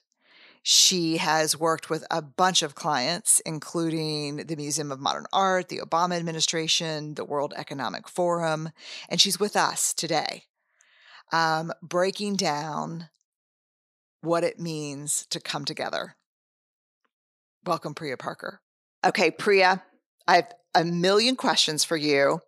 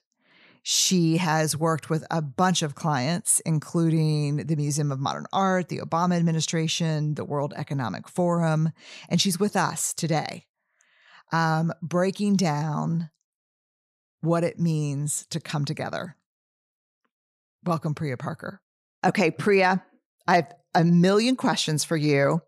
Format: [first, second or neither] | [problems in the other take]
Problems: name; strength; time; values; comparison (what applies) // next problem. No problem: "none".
second | thin; somewhat; fading below 300 Hz